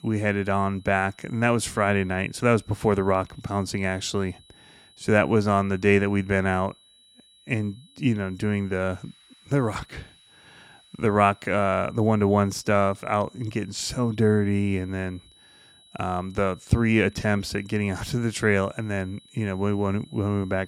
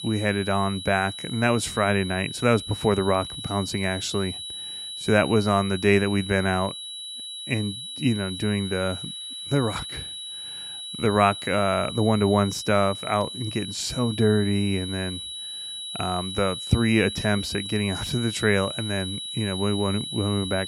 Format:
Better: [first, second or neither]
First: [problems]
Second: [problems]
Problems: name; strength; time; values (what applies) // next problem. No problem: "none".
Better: first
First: high-pitched whine; faint; throughout; 4 kHz, 30 dB below the speech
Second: high-pitched whine; loud; throughout; 4 kHz, 8 dB below the speech